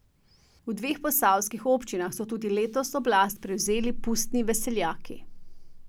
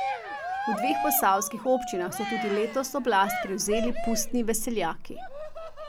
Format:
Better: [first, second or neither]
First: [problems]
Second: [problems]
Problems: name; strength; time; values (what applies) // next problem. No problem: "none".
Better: first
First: none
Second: background sound (Cheering); 6 dB below the speech